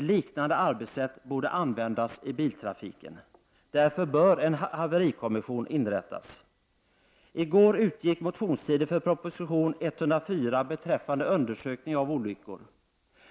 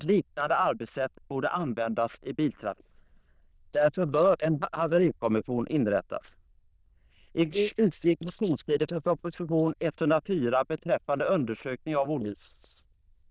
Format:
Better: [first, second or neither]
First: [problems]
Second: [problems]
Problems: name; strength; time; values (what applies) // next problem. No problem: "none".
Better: first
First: none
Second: noise reduction (neural diffusion model UNIVERSE++)